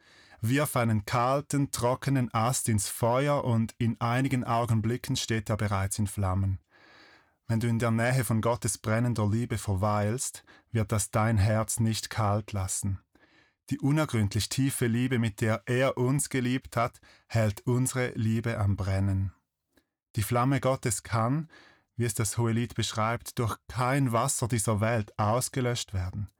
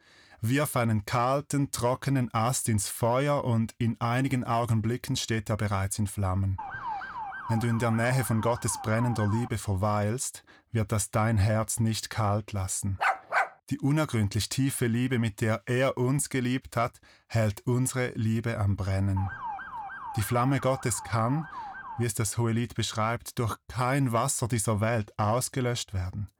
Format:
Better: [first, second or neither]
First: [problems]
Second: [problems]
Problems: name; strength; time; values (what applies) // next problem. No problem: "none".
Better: first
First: none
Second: siren; noticeable; from 6.5 to 9.5 s and from 19 to 22 s; peak 7 dB below the speech // dog barking; loud; at 13 s; peak 2 dB above the speech